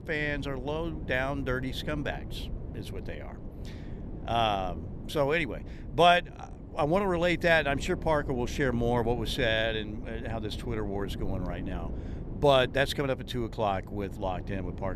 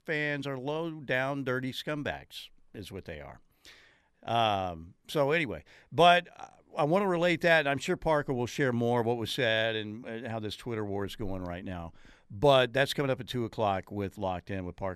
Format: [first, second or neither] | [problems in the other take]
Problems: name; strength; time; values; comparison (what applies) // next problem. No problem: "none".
second | wind noise on the microphone; occasional gusts; 20 dB below the speech